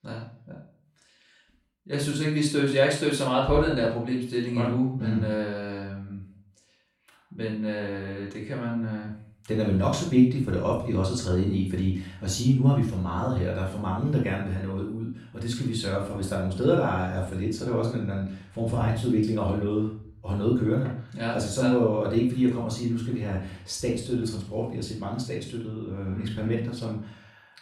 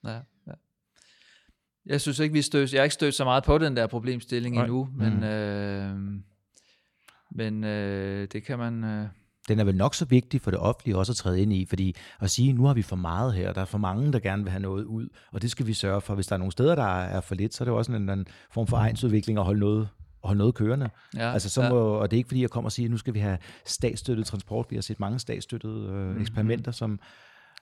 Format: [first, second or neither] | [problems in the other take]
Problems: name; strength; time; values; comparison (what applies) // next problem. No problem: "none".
second | off-mic speech; far // room echo; noticeable; dies away in 0.4 s